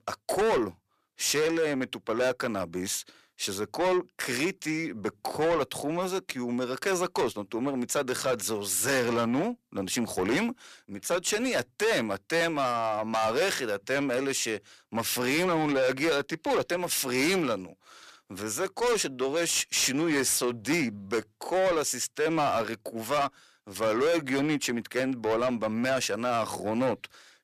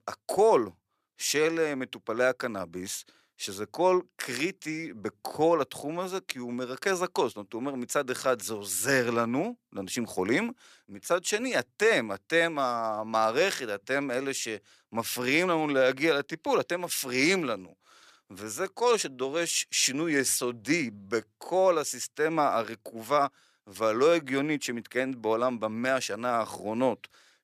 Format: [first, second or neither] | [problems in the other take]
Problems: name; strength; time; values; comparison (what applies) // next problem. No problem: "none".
second | distortion; heavy; 7 dB below the speech